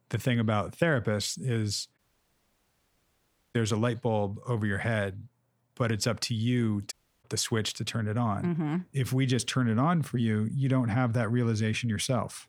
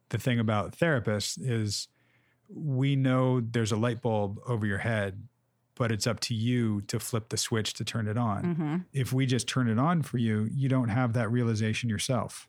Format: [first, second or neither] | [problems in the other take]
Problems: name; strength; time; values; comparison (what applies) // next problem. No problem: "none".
second | audio cutting out; at 2 s for 1.5 s and at 7 s